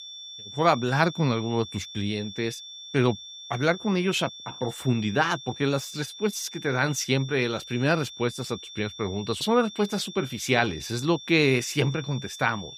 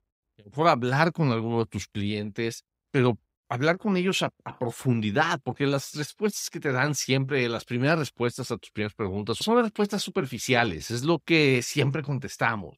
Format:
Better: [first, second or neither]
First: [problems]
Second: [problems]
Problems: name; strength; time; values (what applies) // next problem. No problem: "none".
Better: second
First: high-pitched whine; noticeable; throughout; 3.5 kHz, 15 dB below the speech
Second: none